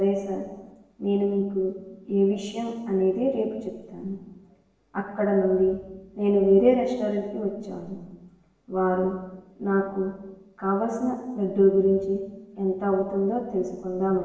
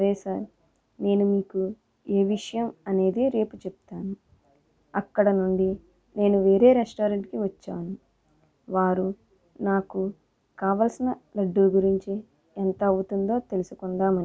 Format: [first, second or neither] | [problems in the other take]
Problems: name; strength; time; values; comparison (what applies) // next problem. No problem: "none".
second | room echo; dies away in 1.1 s